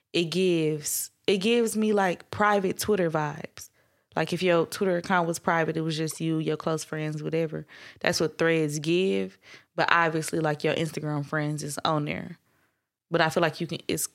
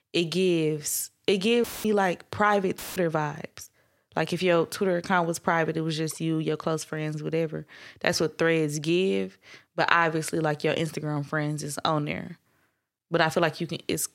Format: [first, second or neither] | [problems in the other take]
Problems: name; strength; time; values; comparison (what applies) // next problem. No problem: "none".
first | audio cutting out; filled with static; at 1.5 s and at 3 s